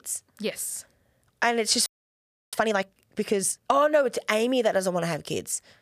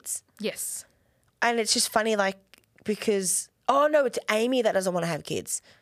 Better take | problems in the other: second | audio freezing; at 2 s for 0.5 s

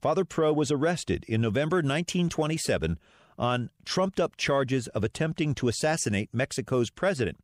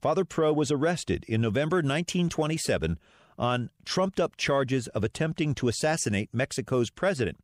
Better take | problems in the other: neither | none

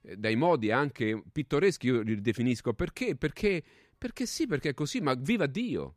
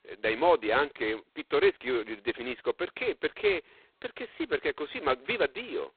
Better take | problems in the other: first | phone-call audio; poor line; nothing above 4 kHz

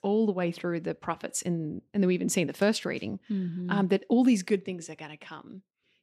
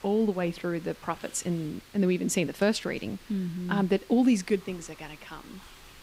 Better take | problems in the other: first | hiss; faint; throughout; 20 dB below the speech

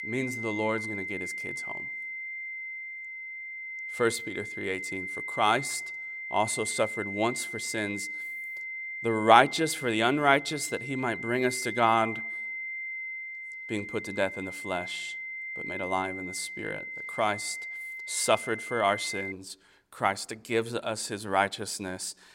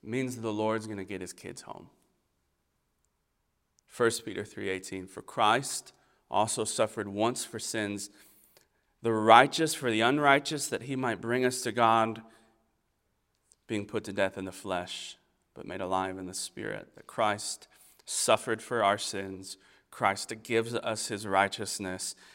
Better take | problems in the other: second | high-pitched whine; loud; until 19 s; 2 kHz, 6 dB below the speech

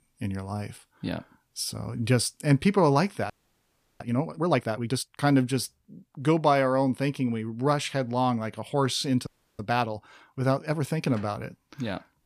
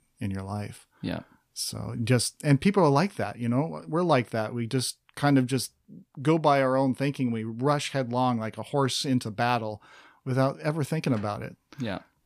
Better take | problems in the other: second | audio freezing; at 3.5 s for 0.5 s and at 9.5 s

